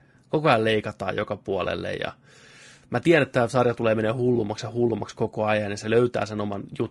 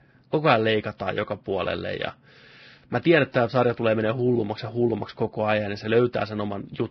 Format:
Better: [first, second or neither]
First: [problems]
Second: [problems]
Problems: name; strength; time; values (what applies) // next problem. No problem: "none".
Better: first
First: garbled, watery; slightly; nothing above 11 kHz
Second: garbled, watery; badly; nothing above 5.5 kHz